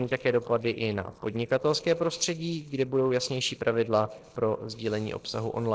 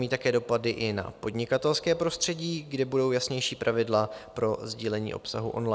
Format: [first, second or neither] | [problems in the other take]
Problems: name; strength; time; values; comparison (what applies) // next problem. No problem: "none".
second | noise reduction (neural separator model SepFormer DNS4)